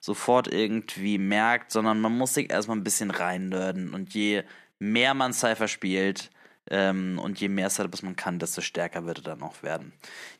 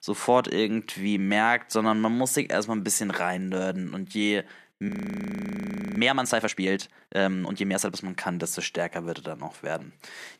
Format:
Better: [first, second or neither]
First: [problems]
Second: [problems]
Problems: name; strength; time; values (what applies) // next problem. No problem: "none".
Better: first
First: none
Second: audio freezing; at 5 s for 1 s